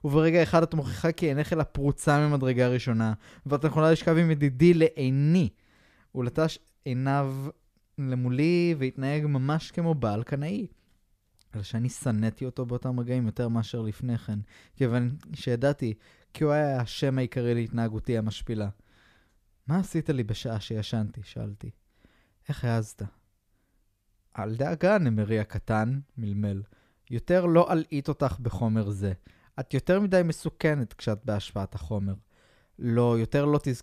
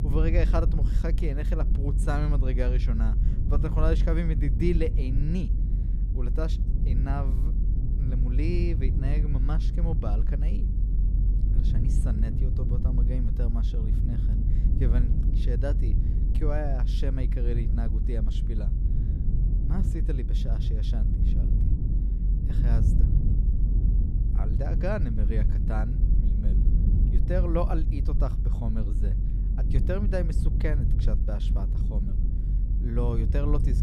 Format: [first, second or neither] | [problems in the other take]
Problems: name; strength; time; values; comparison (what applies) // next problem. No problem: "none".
first | low rumble; loud; throughout; 6 dB below the speech